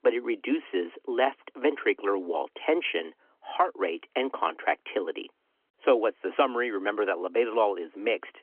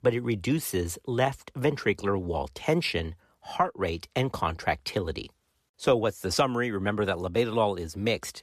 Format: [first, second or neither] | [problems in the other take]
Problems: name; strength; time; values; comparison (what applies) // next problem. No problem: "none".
second | phone-call audio; nothing above 3 kHz